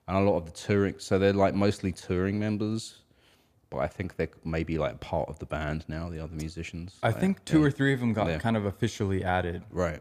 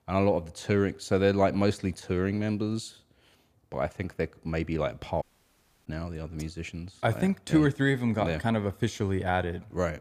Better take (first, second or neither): first